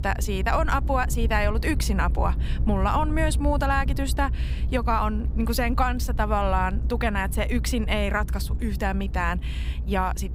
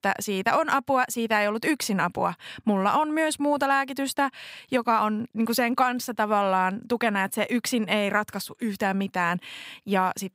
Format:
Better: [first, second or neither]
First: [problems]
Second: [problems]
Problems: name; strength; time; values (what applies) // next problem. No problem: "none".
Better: second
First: low rumble; noticeable; throughout; 20 dB below the speech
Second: none